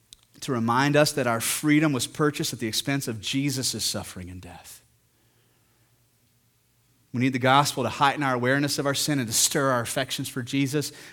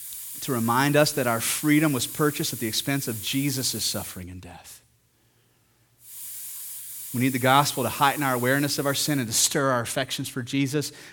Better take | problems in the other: first | hiss; noticeable; until 4 s and from 6 to 9 s; 10 dB below the speech

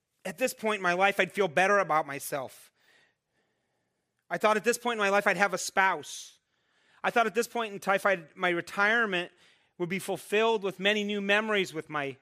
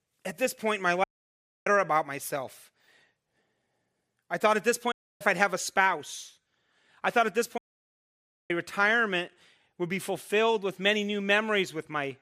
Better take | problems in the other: first | audio cutting out; at 1 s for 0.5 s, at 5 s and at 7.5 s for 1 s

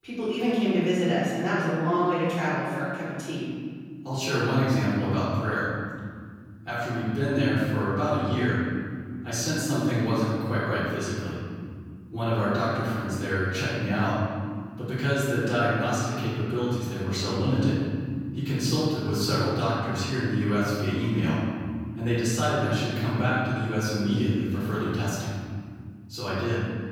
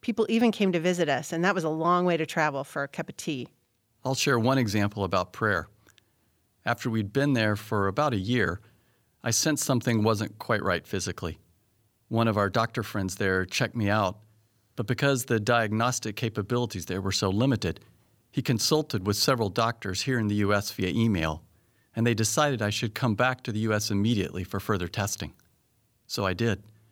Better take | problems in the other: second | off-mic speech; far // room echo; strong; dies away in 2.6 s

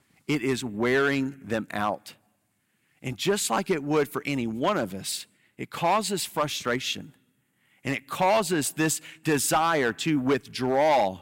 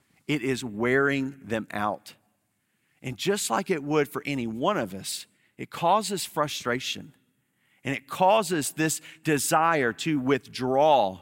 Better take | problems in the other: second | distortion; slight; 3% of the sound clipped

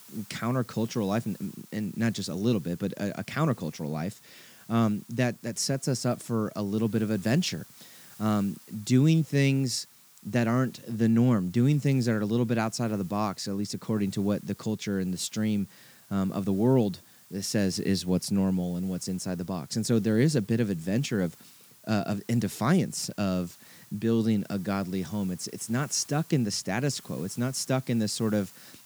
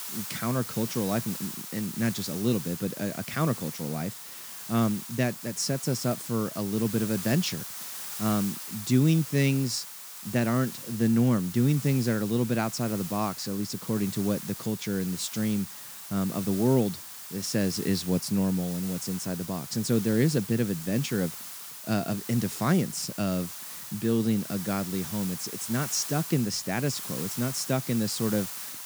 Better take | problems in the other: first | hiss; loud; throughout; 8 dB below the speech; faint in the first

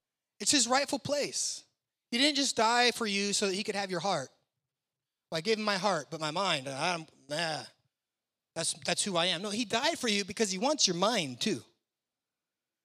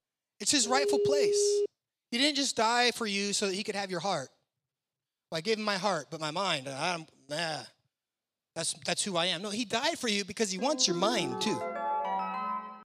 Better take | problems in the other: first | phone ringing; loud; from 0.5 to 1.5 s; peak 3 dB above the speech // phone ringing; noticeable; from 11 s on; peak 1 dB below the speech

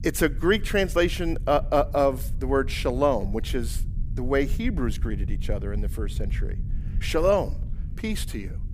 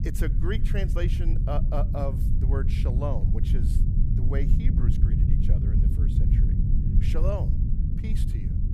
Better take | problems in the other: first | low rumble; loud; throughout; 3 dB below the speech; faint in the first

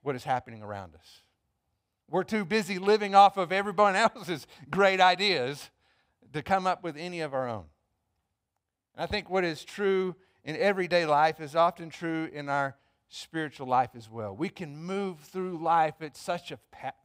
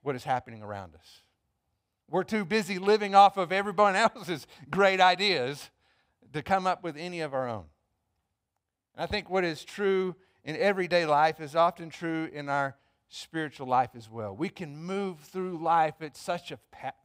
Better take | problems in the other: neither | none

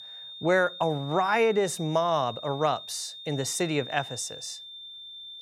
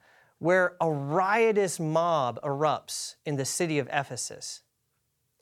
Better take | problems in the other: second | high-pitched whine; noticeable; throughout; 3.5 kHz, 15 dB below the speech

